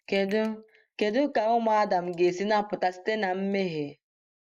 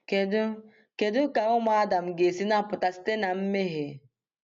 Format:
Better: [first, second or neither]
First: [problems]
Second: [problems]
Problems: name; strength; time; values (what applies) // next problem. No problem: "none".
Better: second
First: noise reduction (neural mask model Resemble Enhance denoiser)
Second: none